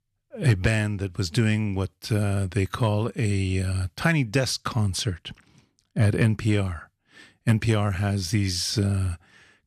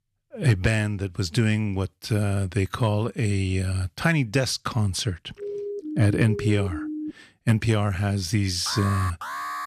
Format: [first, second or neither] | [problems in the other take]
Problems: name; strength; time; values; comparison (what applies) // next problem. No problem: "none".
first | siren; noticeable; from 5.5 to 7 s; peak 7 dB below the speech // alarm; noticeable; from 8.5 s on; peak 6 dB below the speech